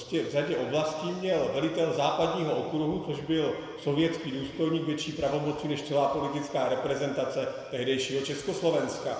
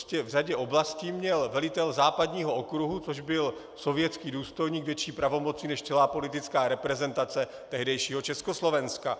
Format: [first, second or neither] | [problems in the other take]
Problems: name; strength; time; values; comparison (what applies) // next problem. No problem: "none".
second | room echo; dies away in 2 s